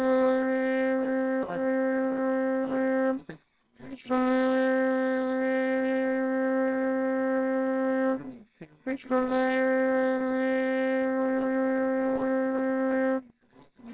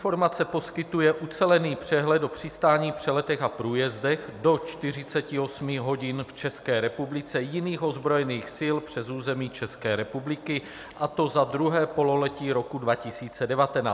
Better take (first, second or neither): second